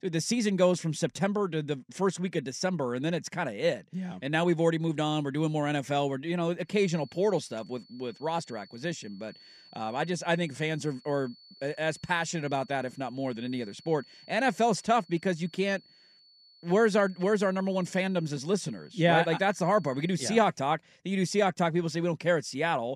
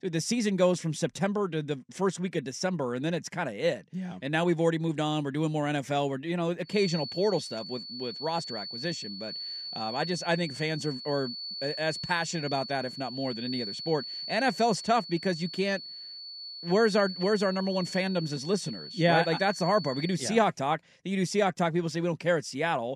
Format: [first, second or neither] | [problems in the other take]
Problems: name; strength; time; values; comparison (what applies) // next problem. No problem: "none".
first | high-pitched whine; loud; from 7 to 20 s; 4.5 kHz, 8 dB below the speech; faint in the first